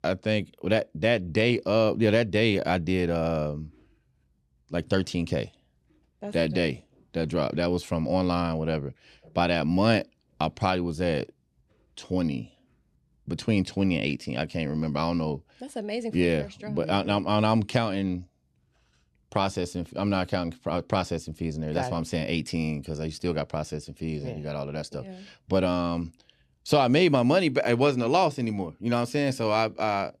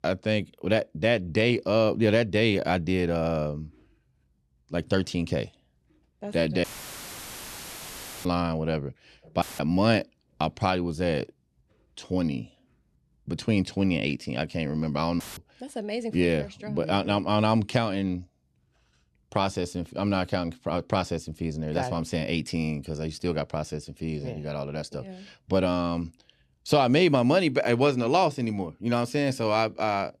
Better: first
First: none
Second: audio cutting out; filled with static; at 6.5 s for 1.5 s, at 9.5 s and at 15 s

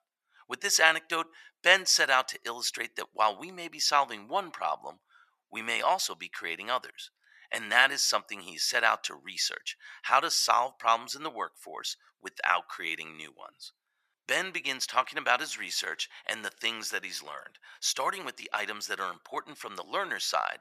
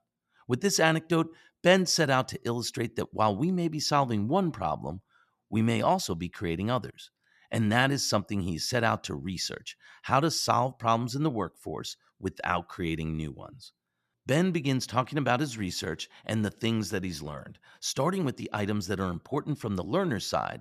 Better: second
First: thin; very; fading below 900 Hz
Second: none

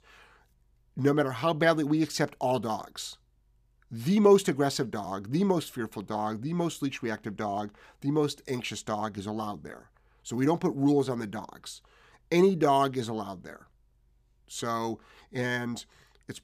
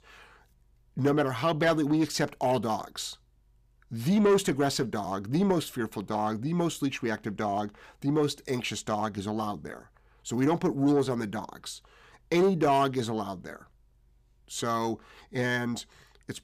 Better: first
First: none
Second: distortion; slight; 10 dB below the speech

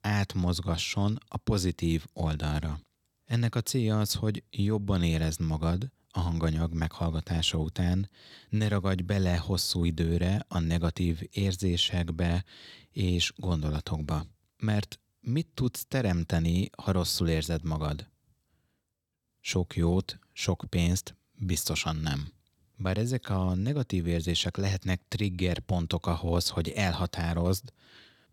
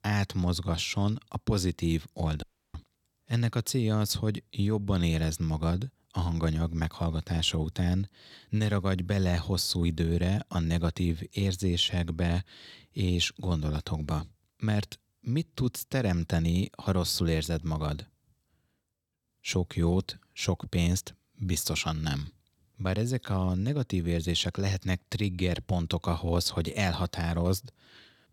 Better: first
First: none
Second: audio cutting out; at 2.5 s

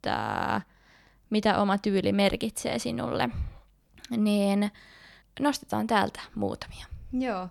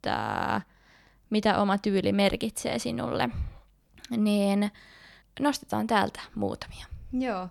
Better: neither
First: none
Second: none

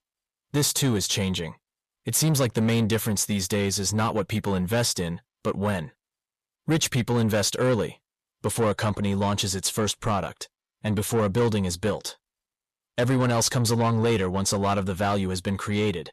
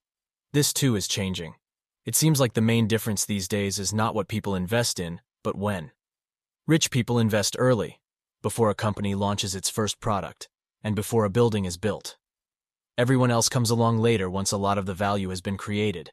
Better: second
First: distortion; slight; 10 dB below the speech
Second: none

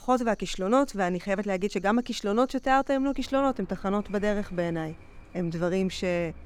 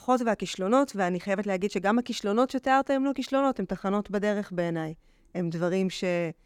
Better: second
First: animal sounds; faint; throughout; 25 dB below the speech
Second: none

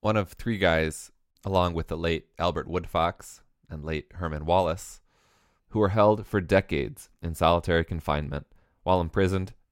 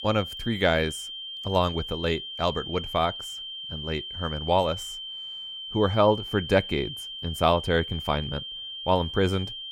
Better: first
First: none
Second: high-pitched whine; loud; throughout; 3 kHz, 8 dB below the speech

